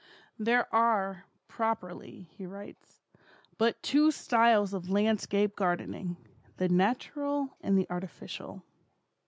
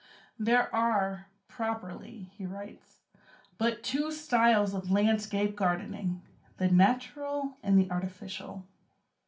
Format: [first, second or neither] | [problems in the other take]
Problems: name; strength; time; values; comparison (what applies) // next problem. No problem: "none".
first | room echo; dies away in 0.3 s